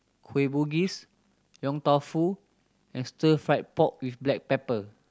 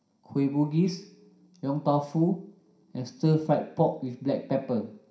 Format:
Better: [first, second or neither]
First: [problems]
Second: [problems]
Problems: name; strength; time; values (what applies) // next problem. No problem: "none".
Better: first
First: none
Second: room echo; dies away in 0.5 s